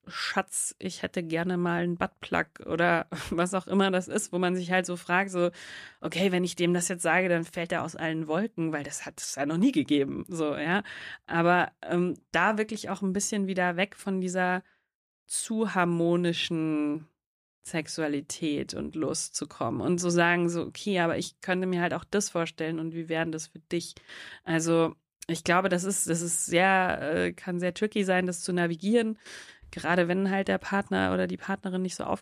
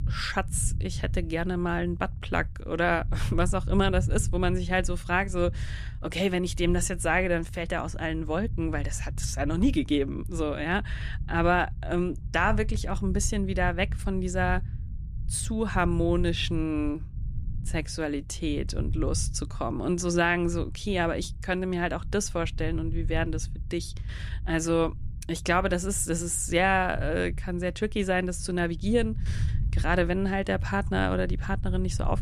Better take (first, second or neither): first